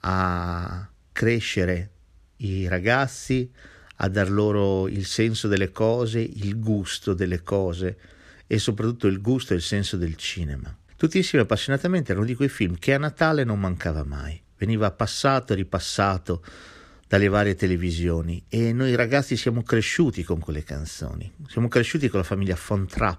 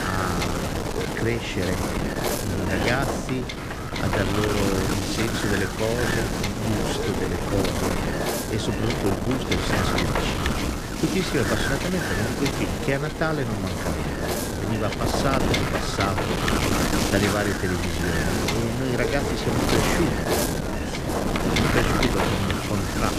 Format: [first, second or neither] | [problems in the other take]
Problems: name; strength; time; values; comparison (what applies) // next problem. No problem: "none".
first | wind noise on the microphone; heavy; 3 dB above the speech